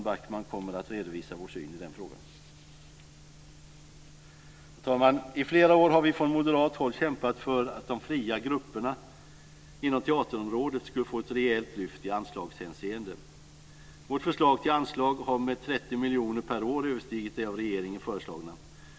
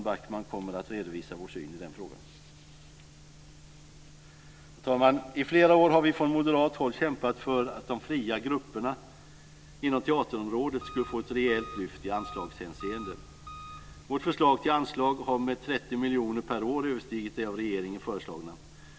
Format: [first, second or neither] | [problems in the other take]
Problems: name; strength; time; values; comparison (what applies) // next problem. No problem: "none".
first | background sound (Engine); 15 dB below the speech